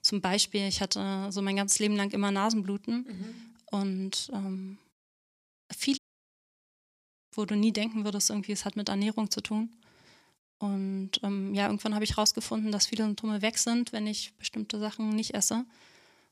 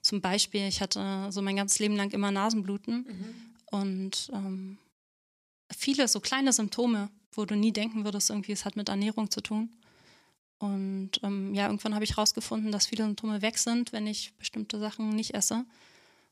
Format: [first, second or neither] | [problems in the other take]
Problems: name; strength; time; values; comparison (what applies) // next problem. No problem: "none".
second | audio cutting out; at 6 s for 1.5 s